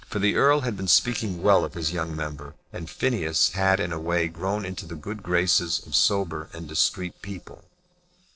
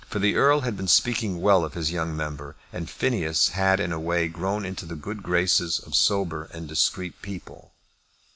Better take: second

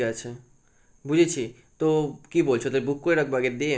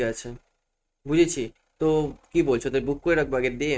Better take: first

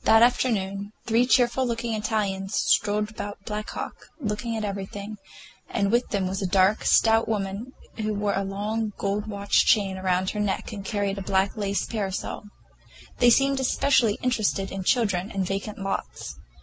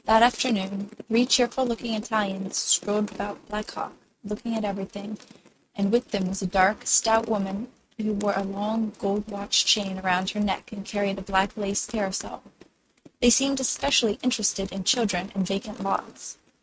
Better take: first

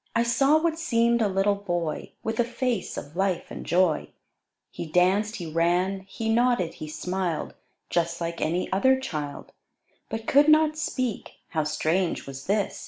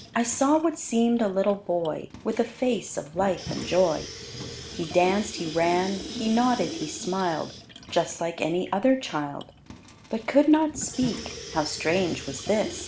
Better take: first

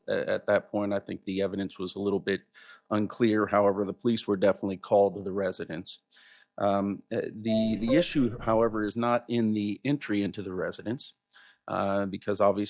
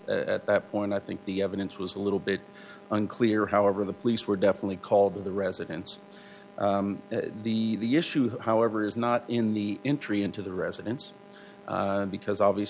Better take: second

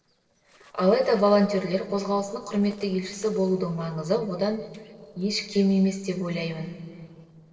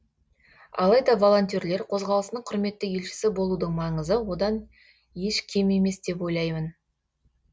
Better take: second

